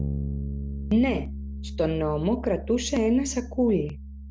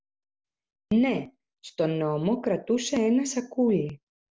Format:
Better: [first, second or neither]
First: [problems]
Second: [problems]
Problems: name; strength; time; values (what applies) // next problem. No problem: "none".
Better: second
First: background sound (Bass guitar); 7 dB below the speech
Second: none